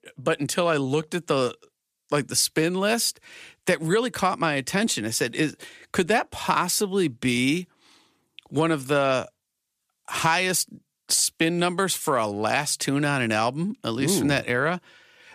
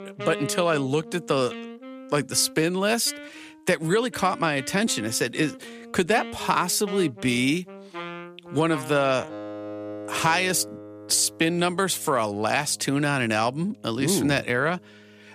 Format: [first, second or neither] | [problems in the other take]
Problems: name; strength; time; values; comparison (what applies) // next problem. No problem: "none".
first | background music; noticeable; throughout; 15 dB below the speech